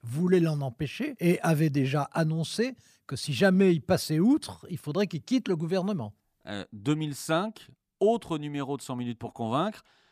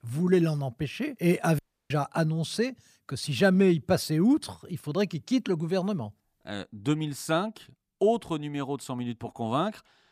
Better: first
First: none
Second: audio cutting out; at 1.5 s

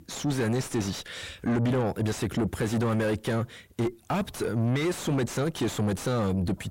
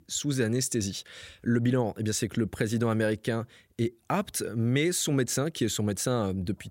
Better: second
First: distortion; heavy; 6 dB below the speech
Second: none

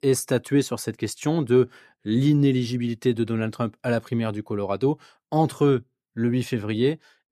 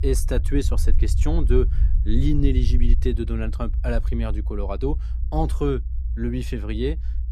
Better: first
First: none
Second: low rumble; noticeable; throughout; 15 dB below the speech

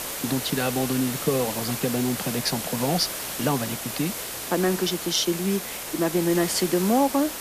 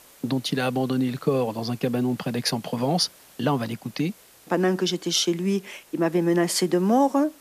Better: second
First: hiss; loud; throughout; 5 dB below the speech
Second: hiss; faint; throughout; 25 dB below the speech

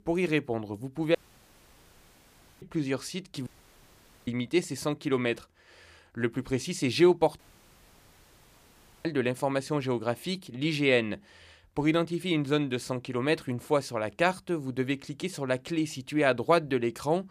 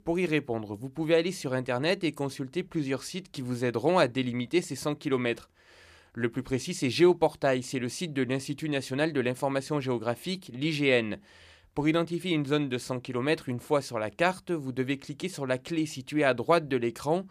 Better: second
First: audio cutting out; at 1 s for 1.5 s, at 3.5 s for 1 s and at 7.5 s for 1.5 s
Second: none

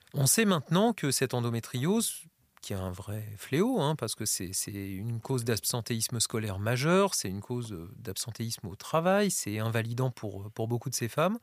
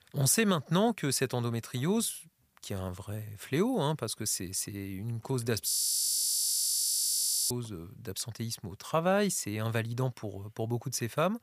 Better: first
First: none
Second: audio freezing; at 5.5 s for 2 s

